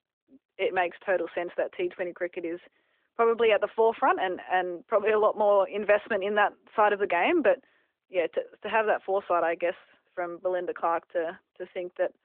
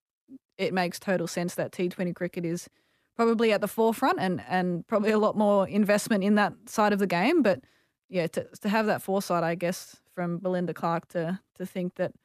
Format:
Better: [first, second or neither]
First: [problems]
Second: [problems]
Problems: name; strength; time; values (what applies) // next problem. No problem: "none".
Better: second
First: phone-call audio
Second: none